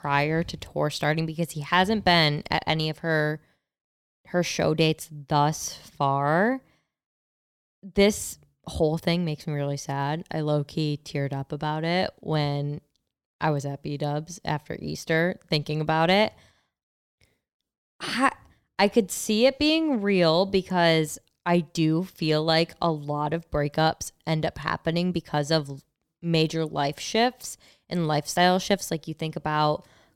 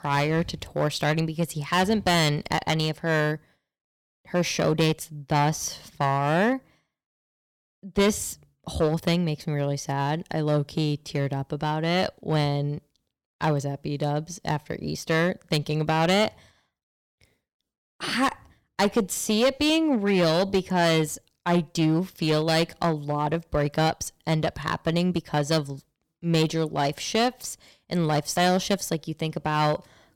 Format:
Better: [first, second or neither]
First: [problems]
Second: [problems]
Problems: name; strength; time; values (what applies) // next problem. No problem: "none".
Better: first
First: none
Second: distortion; slight; 5% of the sound clipped